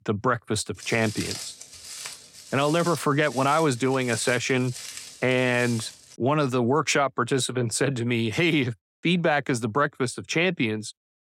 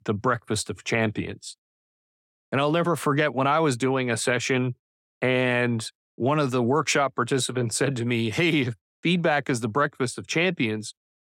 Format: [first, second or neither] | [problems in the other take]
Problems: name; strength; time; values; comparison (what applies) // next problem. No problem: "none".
second | footsteps; noticeable; from 1 to 6 s; peak 8 dB below the speech